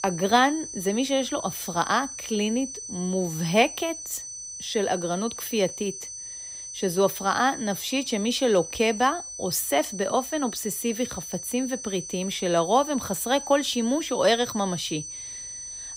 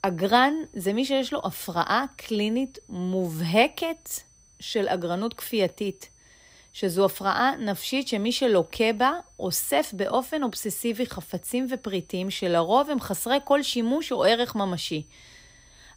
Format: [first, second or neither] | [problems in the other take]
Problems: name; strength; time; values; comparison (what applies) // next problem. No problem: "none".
second | high-pitched whine; loud; throughout; 6 kHz, 9 dB below the speech; faint in the second